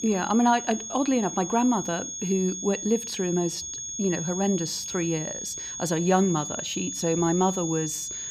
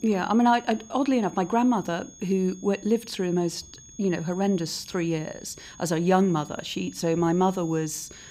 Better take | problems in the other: second | high-pitched whine; loud; throughout; 6.5 kHz, 6 dB below the speech; faint in the second

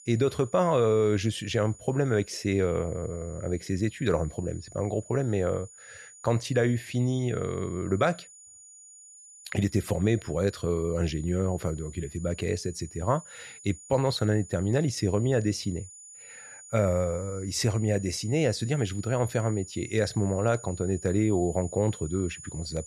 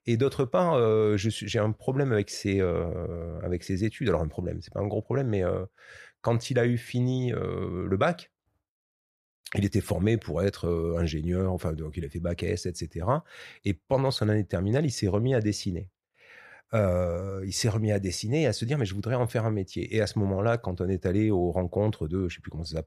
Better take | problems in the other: second | high-pitched whine; noticeable; throughout; 7 kHz, 20 dB below the speech

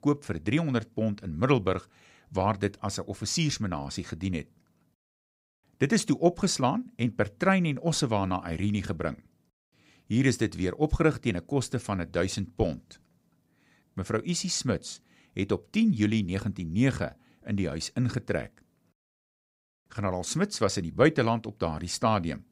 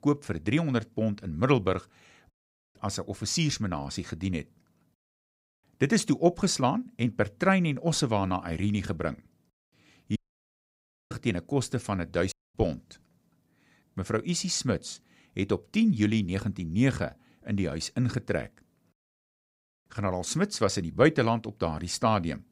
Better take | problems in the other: first | audio cutting out; at 2.5 s, at 10 s for 1 s and at 12 s

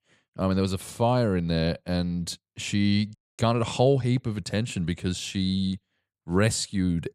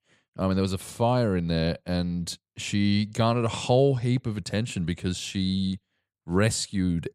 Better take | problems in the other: second | audio freezing; at 3 s

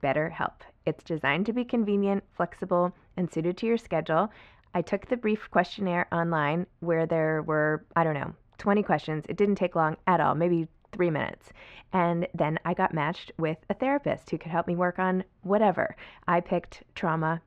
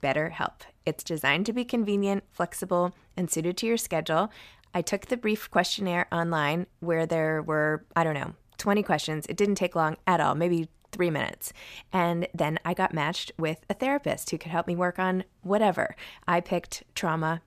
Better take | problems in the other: second | muffled; very; fading above 2 kHz

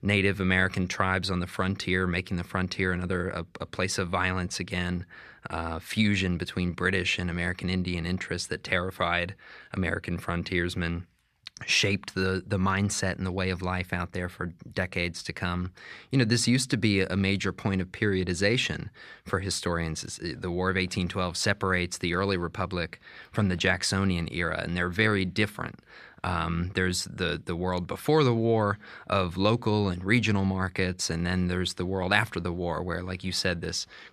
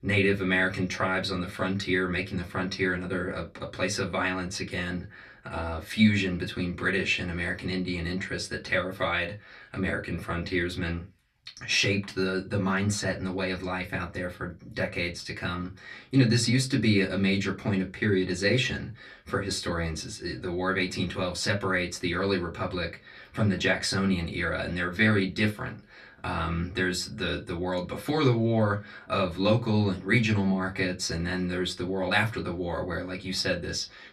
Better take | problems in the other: first | off-mic speech; far // room echo; very slight; dies away in 0.2 s

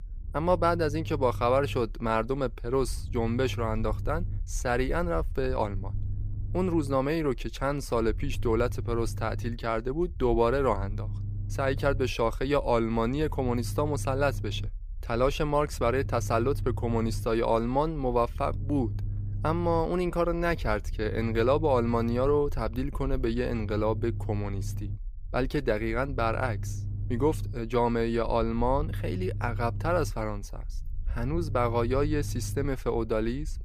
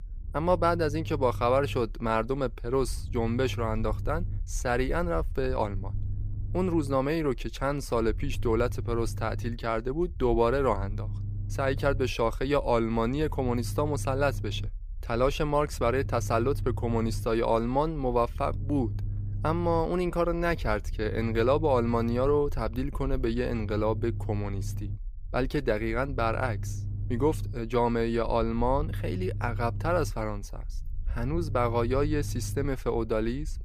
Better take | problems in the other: neither | low rumble; faint; throughout; 20 dB below the speech; the same in both

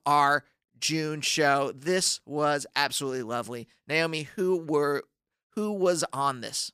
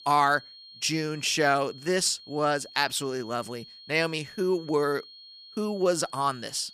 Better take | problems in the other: first | high-pitched whine; noticeable; throughout; 4.5 kHz, 20 dB below the speech

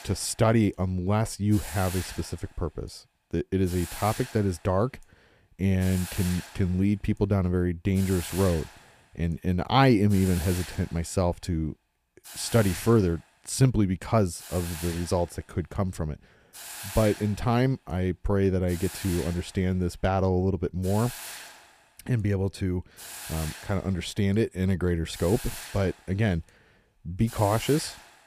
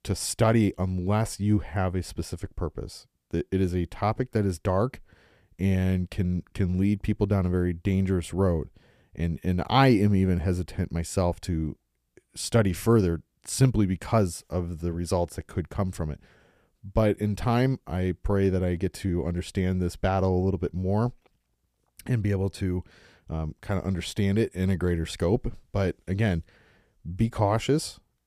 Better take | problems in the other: second | hiss; noticeable; throughout; 10 dB below the speech

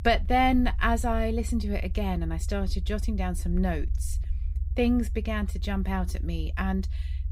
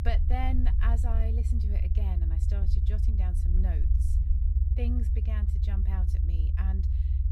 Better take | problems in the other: first | low rumble; loud; throughout; 3 dB below the speech; faint in the first

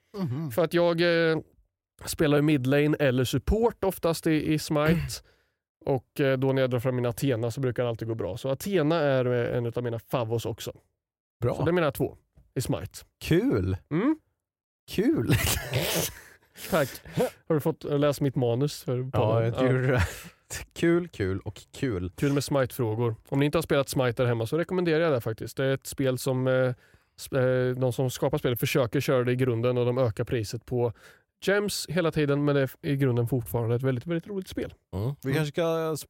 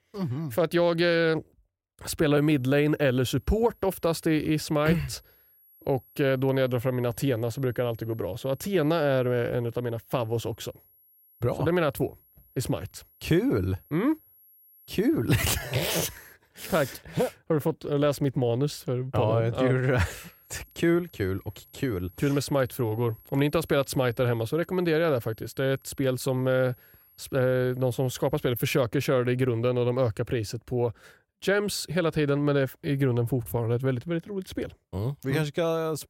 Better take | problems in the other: first | high-pitched whine; faint; from 2.5 to 16 s and from 20 to 29 s; 11.5 kHz, 30 dB below the speech

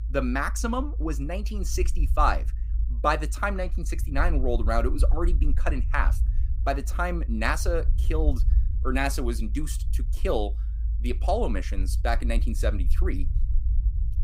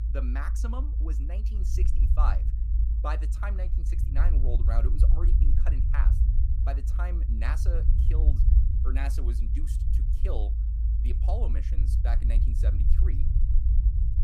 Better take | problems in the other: first | low rumble; loud; throughout; 5 dB below the speech; faint in the first

